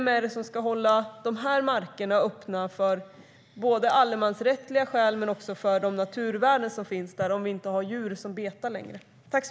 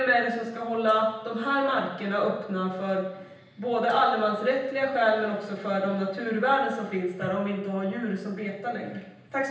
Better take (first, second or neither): first